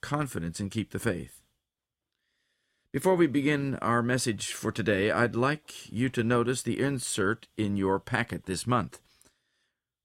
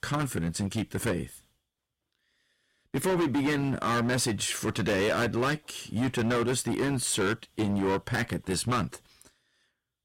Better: first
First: none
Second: distortion; heavy; 14% of the sound clipped

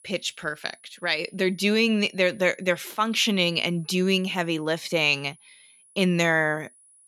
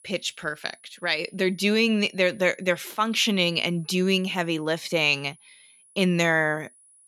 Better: neither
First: high-pitched whine; faint; throughout; 10.5 kHz, 30 dB below the speech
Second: high-pitched whine; faint; throughout; 10.5 kHz, 30 dB below the speech

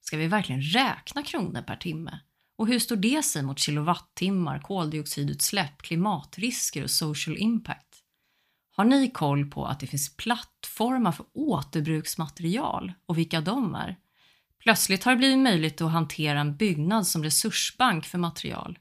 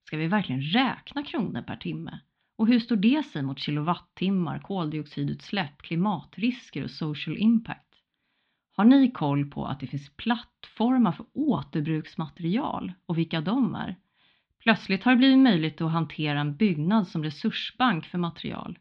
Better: first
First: none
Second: muffled; slightly; fading above 3.5 kHz

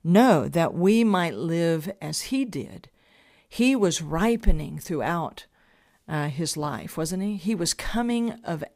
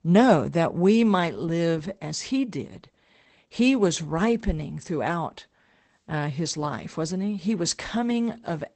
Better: first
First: none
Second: garbled, watery; badly; nothing above 8 kHz

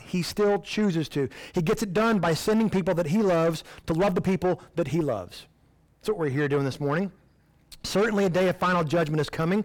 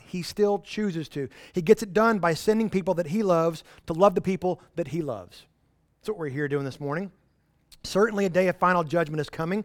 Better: second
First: distortion; heavy; 6 dB below the speech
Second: none

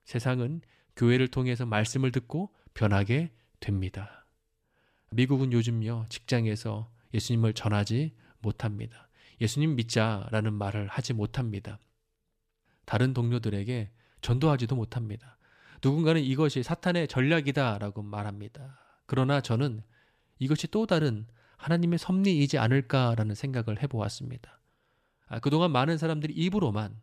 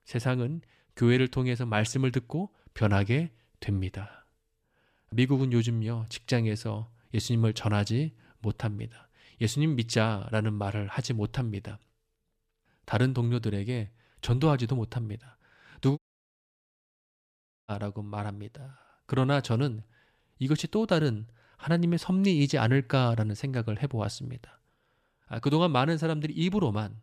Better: first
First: none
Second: audio cutting out; at 16 s for 1.5 s

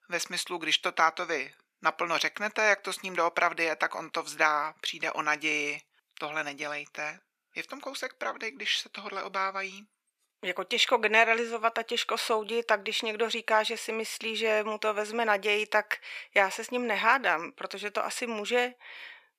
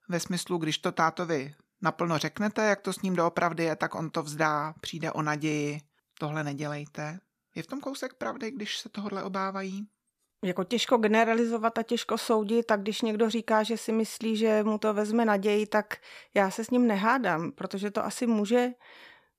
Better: second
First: thin; somewhat; fading below 450 Hz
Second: none

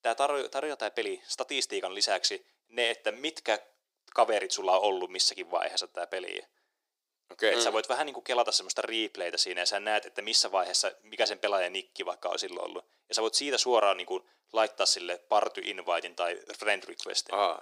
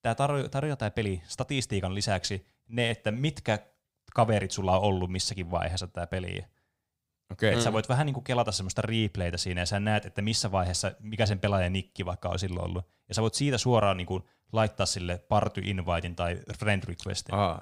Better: second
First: thin; very; fading below 350 Hz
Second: none

